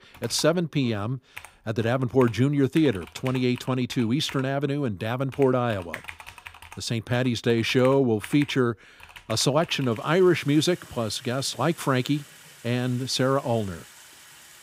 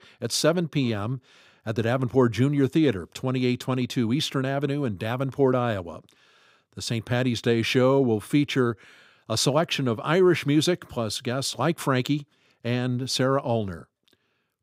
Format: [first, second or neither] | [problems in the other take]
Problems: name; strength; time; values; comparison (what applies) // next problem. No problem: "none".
second | household noises; noticeable; throughout; 20 dB below the speech